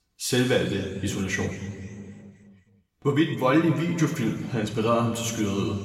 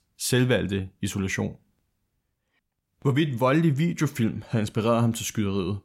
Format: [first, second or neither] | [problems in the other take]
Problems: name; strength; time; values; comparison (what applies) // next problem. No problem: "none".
second | room echo; noticeable; dies away in 2 s // off-mic speech; somewhat distant